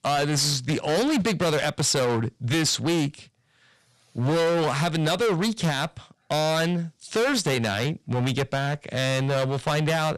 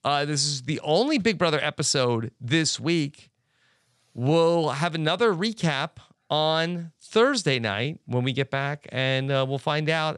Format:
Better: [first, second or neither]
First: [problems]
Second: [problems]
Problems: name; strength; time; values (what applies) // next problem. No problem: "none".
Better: second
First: distortion; heavy; 22% of the sound clipped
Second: none